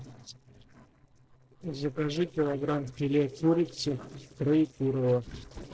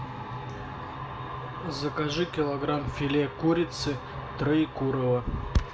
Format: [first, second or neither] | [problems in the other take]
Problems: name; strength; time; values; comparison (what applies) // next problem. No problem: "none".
second | noise reduction (neural separator model SepFormer DNS4)